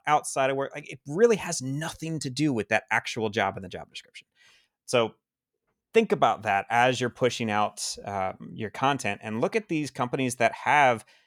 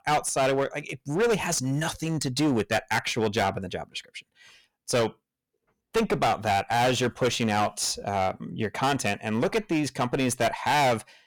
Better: first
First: none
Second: distortion; heavy; 14% of the sound clipped

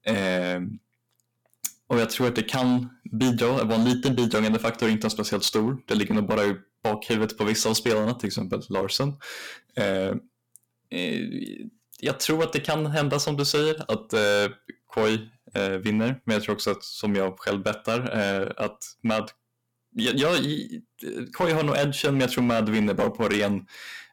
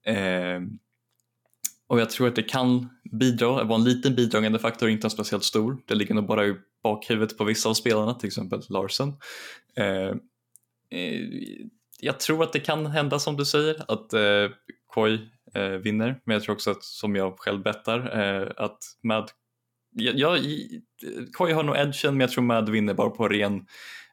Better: second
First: distortion; slight; 7% of the sound clipped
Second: none

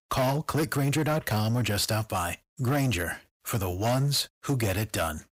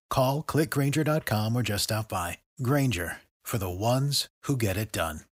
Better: second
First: distortion; slight; 11% of the sound clipped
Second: none

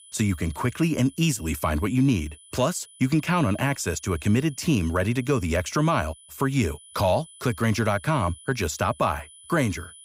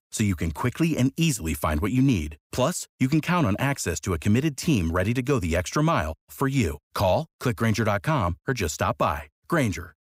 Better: second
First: high-pitched whine; faint; throughout; 10 kHz, 20 dB below the speech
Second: none

